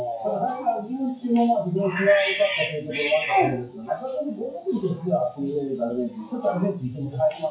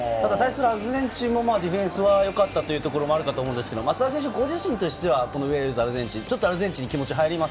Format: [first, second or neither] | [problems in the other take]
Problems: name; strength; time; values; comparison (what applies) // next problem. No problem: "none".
second | noise reduction (classical method WPE with log-MMSE)